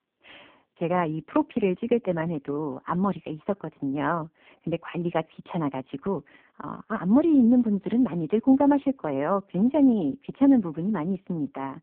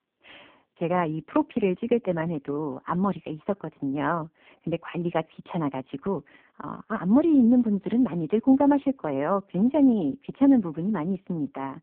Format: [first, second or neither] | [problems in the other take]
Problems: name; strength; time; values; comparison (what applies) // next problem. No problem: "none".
neither | phone-call audio; poor line; the same in both